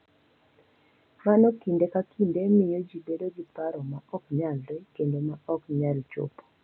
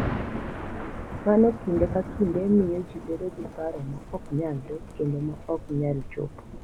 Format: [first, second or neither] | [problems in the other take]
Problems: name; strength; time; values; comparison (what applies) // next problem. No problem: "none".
first | background sound (Thunder + Thunder); 8 dB below the speech